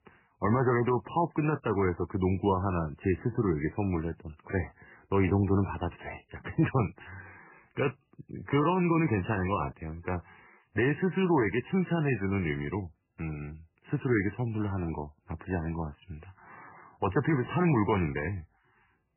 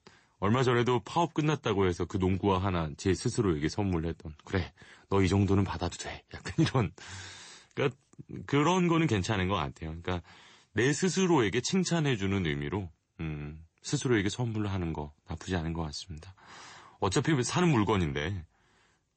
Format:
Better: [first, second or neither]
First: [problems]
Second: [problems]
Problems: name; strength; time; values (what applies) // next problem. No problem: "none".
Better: second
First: garbled, watery; badly; nothing above 3 kHz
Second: garbled, watery; slightly; nothing above 8 kHz